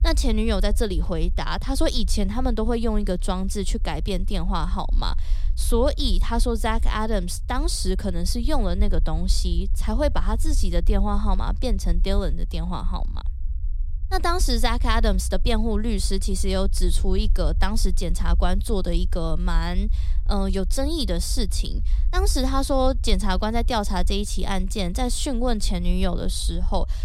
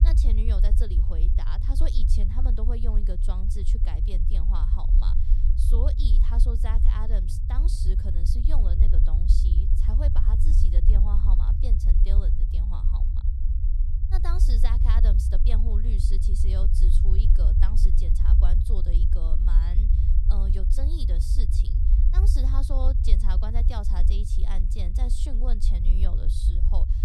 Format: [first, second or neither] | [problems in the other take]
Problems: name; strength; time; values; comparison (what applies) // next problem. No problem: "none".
first | low rumble; loud; throughout; 2 dB below the speech; faint in the first